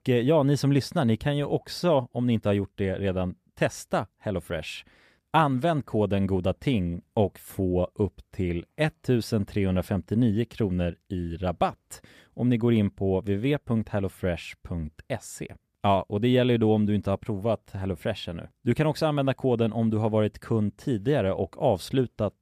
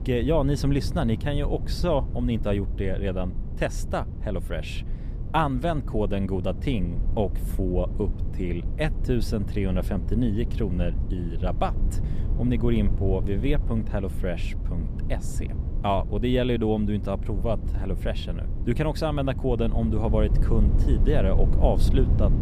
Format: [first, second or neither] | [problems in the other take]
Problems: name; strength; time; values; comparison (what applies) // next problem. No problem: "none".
first | low rumble; noticeable; throughout; 15 dB below the speech